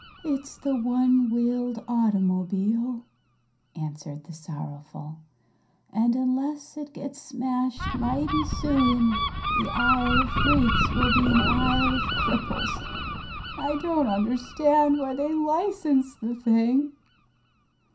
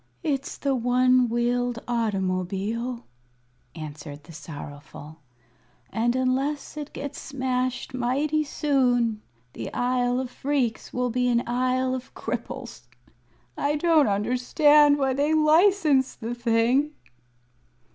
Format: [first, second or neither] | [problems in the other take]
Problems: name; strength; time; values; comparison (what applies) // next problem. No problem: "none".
second | background sound (Gull, seagull); 4 dB below the speech // room echo; dies away in 0.3 s